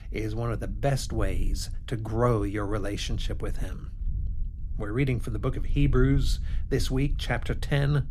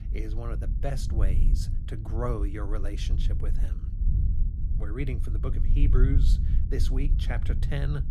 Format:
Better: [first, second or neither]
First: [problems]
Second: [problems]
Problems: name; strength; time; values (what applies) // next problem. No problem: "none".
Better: first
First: low rumble; faint; throughout; 20 dB below the speech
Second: low rumble; loud; throughout; 7 dB below the speech